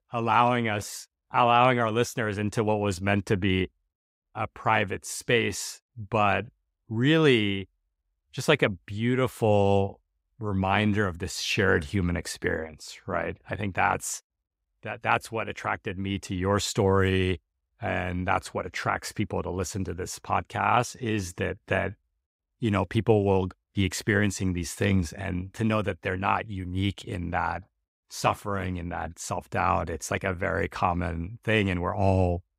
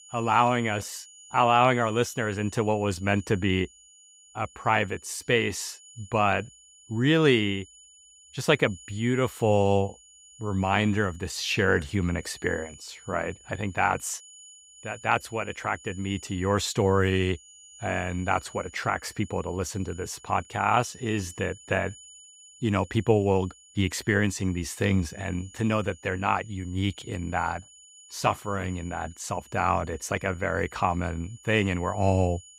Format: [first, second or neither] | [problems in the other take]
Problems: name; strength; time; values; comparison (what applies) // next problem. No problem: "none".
first | high-pitched whine; faint; throughout; 7 kHz, 20 dB below the speech